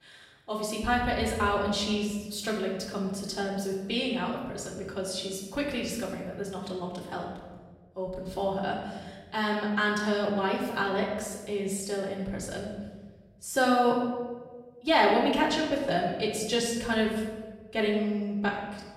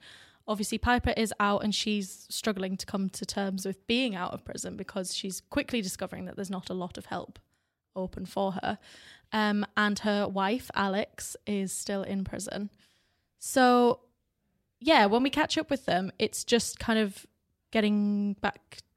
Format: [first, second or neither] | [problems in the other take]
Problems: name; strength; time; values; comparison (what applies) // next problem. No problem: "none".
second | off-mic speech; far // room echo; noticeable; dies away in 1.3 s